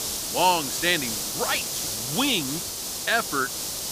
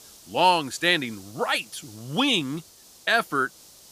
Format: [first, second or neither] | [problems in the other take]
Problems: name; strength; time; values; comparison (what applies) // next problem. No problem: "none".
second | hiss; loud; throughout; 2 dB below the speech; faint in the second